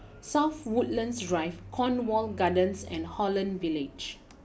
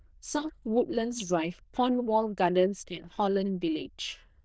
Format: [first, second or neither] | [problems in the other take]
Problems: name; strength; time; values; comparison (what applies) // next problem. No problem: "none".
first | noise reduction (neural diffusion model UNIVERSE++)